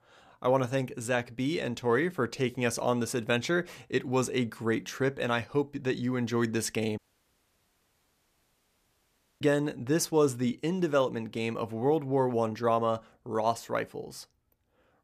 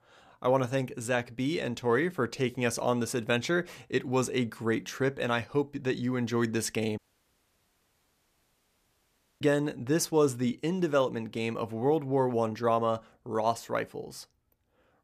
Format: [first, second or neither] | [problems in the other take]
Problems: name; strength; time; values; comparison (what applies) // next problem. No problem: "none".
neither | audio cutting out; at 7 s for 2.5 s; the same in both